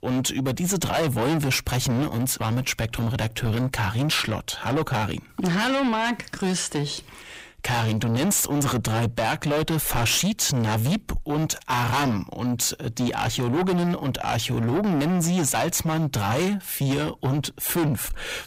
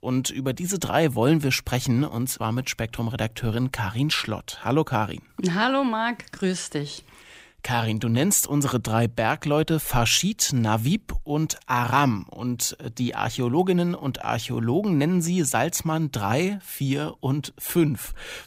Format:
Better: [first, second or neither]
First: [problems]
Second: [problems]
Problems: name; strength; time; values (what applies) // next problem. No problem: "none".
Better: second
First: distortion; heavy; 6 dB below the speech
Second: none